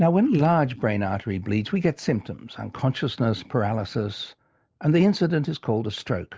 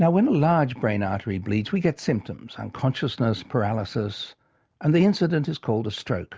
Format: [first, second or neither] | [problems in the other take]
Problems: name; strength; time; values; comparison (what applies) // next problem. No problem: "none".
second | noise reduction (neural mask model Resemble Enhance denoiser)